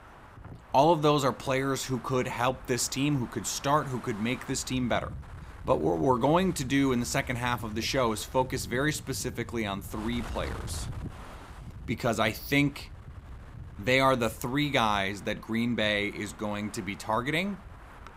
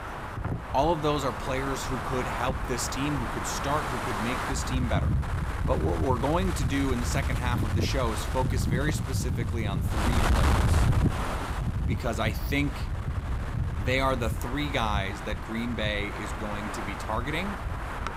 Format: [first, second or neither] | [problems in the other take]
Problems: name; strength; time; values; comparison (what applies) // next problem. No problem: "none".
first | wind noise on the microphone; heavy; 3 dB below the speech; occasional gusts in the first